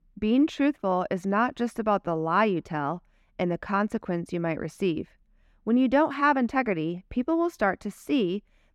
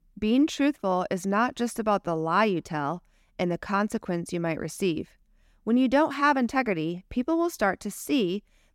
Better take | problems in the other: second | muffled; slightly; fading above 4 kHz

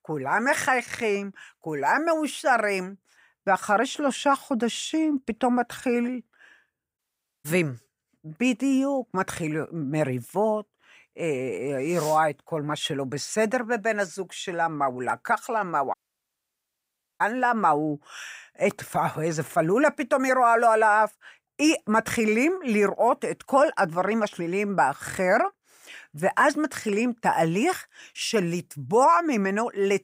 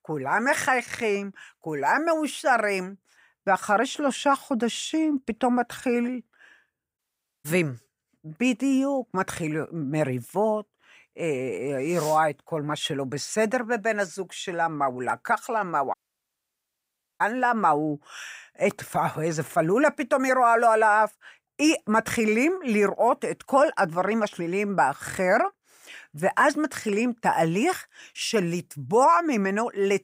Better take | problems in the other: neither | audio cutting out; at 7 s and at 16 s for 1.5 s; the same in both

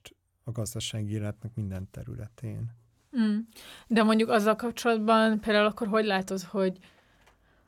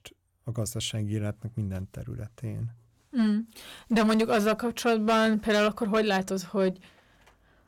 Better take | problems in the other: first | distortion; slight; 6% of the sound clipped

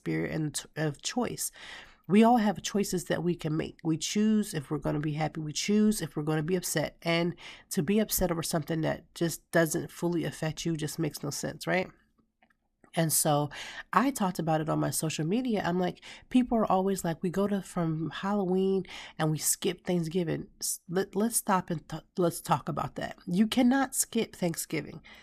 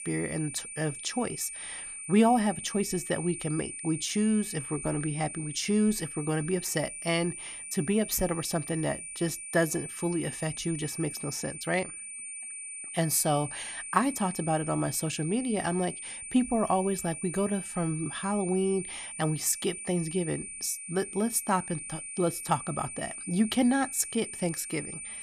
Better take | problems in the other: first | high-pitched whine; loud; throughout; 9 kHz, 8 dB below the speech

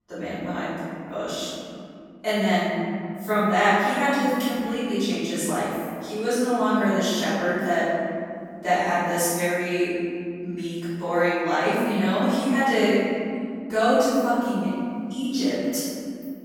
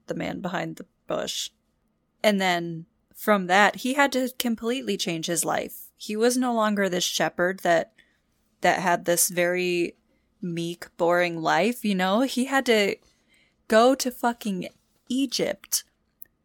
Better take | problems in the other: second | off-mic speech; far // room echo; strong; dies away in 2.6 s

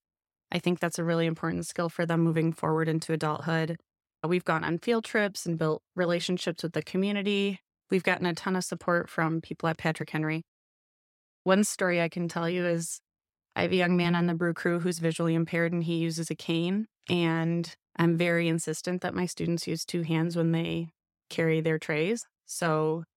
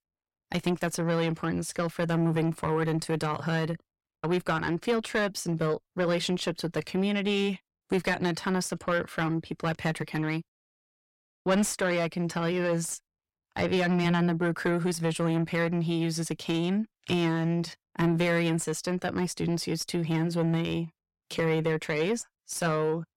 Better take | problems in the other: first | distortion; slight; 10 dB below the speech

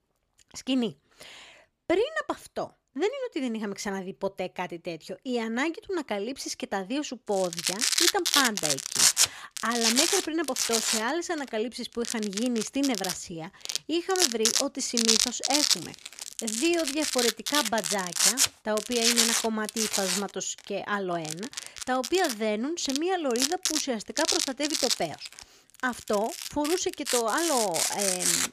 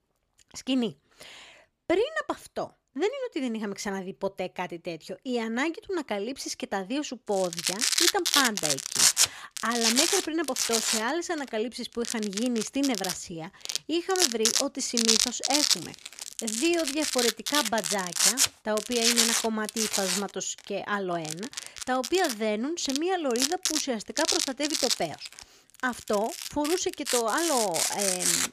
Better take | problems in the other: neither | household noises; very loud; from 7.5 s on; 4 dB above the speech; the same in both

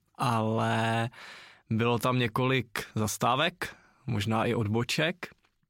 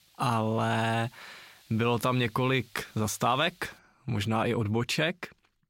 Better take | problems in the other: first | hiss; faint; until 4 s; 30 dB below the speech

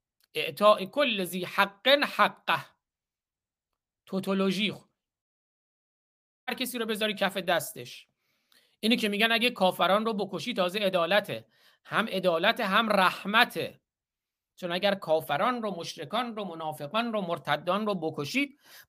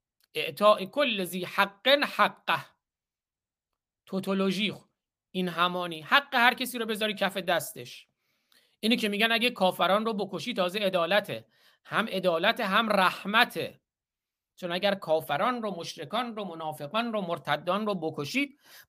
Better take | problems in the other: second | audio cutting out; at 5 s for 1 s

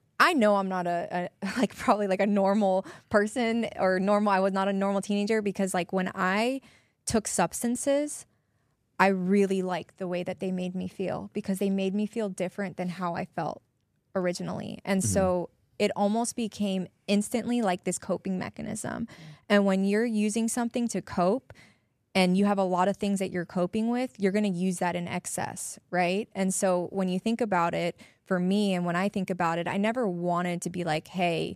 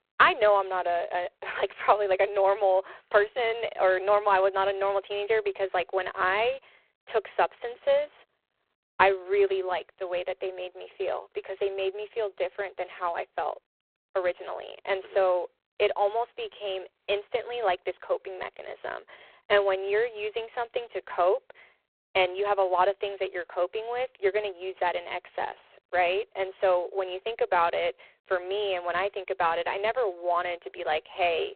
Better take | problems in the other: first | phone-call audio; poor line

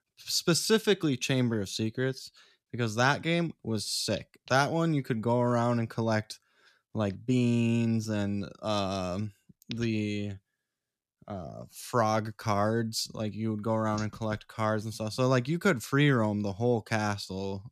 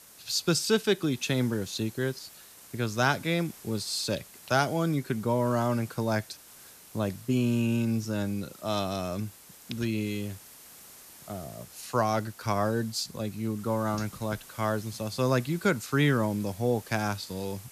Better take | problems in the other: first | hiss; noticeable; throughout; 20 dB below the speech

